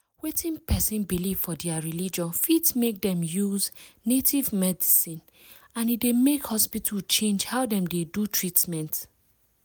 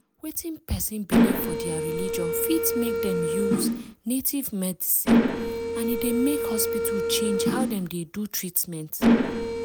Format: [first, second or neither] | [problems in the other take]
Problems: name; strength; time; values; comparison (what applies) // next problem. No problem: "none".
first | background sound (Mechanisms); 3 dB above the speech